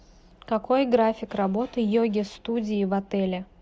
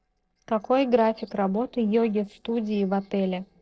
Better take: first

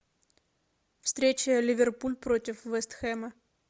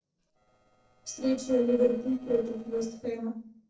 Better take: first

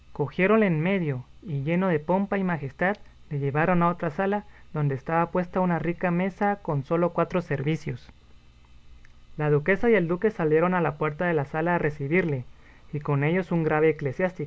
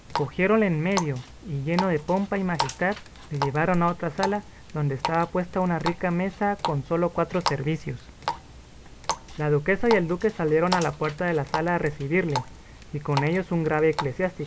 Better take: first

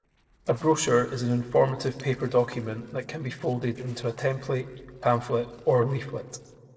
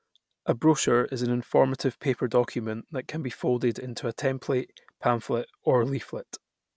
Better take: second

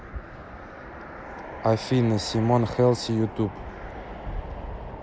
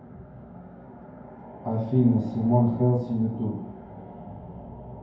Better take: first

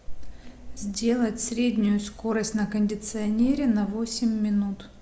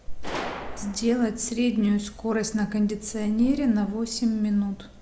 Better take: first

